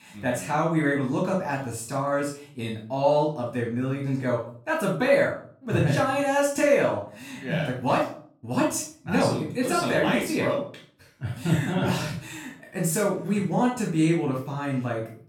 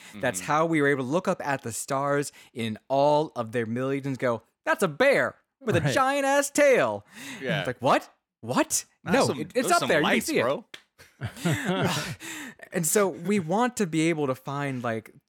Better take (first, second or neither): second